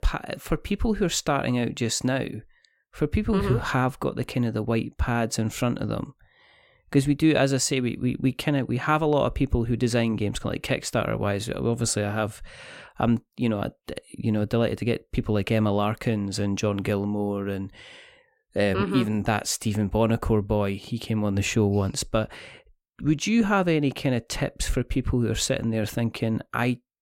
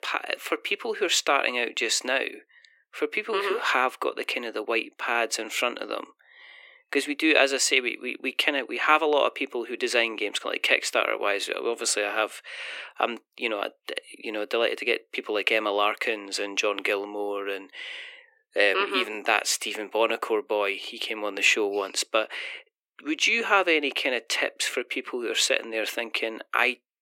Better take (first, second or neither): first